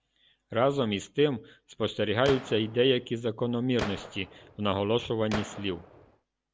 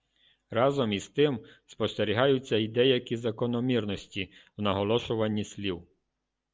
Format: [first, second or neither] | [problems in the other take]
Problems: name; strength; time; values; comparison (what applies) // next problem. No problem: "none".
second | background sound (Gunshot, gunfire); 13 dB below the speech